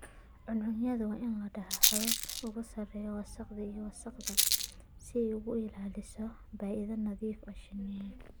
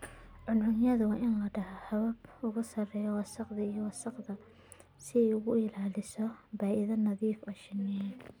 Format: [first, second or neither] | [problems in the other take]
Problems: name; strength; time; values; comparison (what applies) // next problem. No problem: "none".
second | background sound (Rattle); as loud as the speech